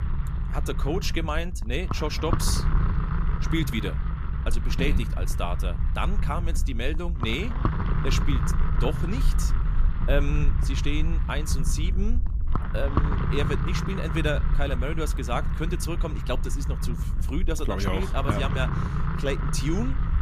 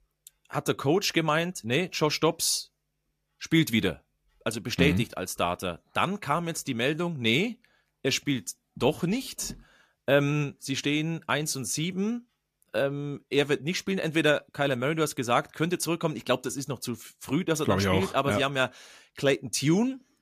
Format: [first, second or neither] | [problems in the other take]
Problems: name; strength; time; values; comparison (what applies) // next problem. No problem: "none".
second | low rumble; loud; throughout; 5 dB below the speech